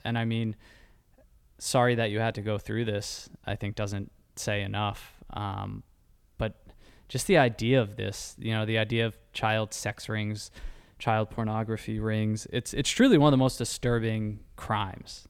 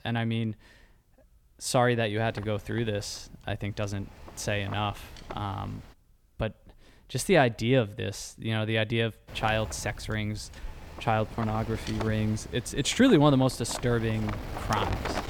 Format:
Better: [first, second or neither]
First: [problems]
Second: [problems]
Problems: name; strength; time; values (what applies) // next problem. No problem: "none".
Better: first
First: none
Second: wind noise on the microphone; occasional gusts; from 2 to 6 s and from 9.5 s on; 10 dB below the speech